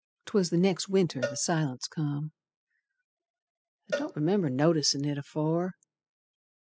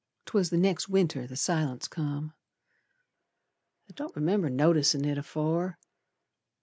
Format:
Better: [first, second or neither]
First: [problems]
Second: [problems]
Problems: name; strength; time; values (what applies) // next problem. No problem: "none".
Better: second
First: noise reduction (classical method spectral subtraction)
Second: none